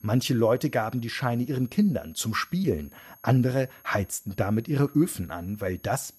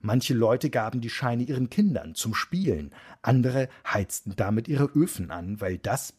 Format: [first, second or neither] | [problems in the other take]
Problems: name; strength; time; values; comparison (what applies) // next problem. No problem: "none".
second | high-pitched whine; faint; throughout; 11.5 kHz, 25 dB below the speech